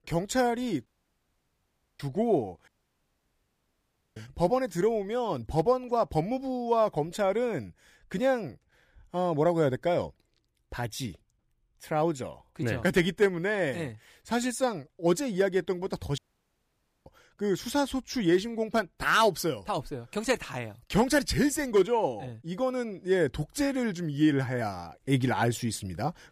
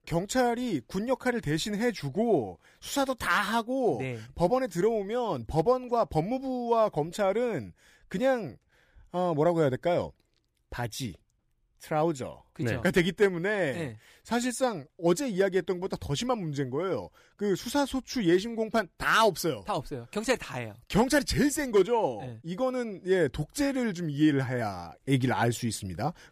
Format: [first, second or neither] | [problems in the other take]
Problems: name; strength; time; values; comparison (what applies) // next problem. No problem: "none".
second | audio cutting out; at 1 s for 1 s, at 2.5 s for 1.5 s and at 16 s for 1 s